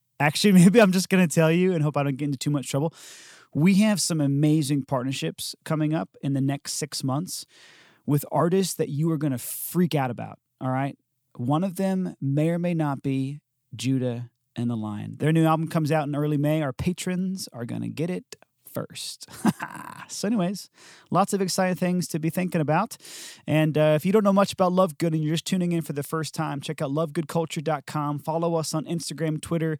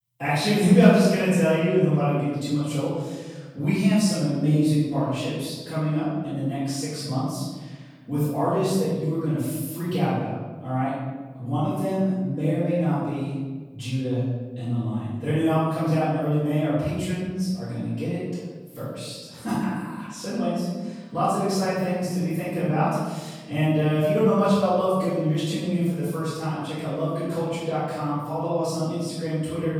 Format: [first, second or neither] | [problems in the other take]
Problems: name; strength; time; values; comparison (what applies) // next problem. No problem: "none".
first | off-mic speech; far // room echo; strong; dies away in 1.3 s